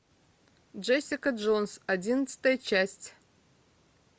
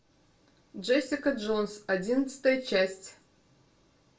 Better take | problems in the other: first | room echo; dies away in 0.2 s

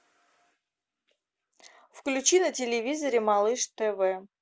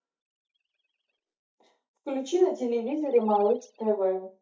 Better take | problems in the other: first | noise reduction (neural mask model DeepFilterNet 3)

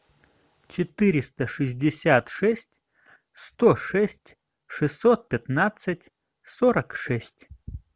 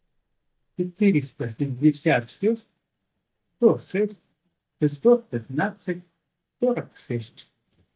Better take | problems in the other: first | noise reduction (neural mask model DeepFilterNet 3)

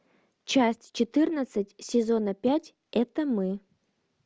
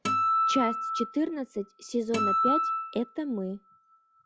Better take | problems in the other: first | noise reduction (classical method log-MMSE)

